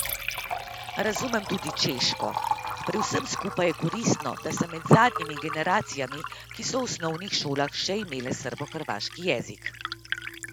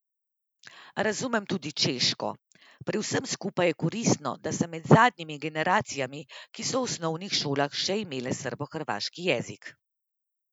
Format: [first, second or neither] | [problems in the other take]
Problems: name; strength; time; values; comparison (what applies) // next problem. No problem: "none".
second | background sound (Liquid); 7 dB below the speech